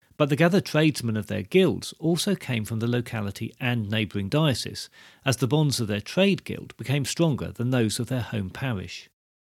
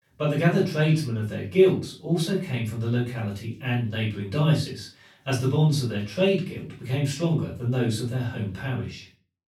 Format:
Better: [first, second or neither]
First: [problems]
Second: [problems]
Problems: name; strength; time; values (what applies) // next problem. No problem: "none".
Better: first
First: none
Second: off-mic speech; far // room echo; slight; dies away in 0.3 s